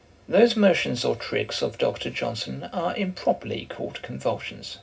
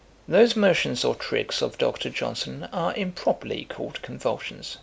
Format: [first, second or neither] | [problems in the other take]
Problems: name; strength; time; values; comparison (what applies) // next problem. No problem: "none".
second | room echo; dies away in 0.4 s